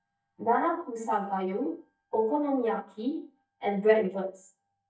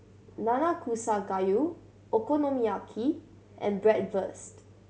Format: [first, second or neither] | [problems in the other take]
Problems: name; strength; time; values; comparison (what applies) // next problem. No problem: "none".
second | noise reduction (neural mask model DeepFilterNet 3)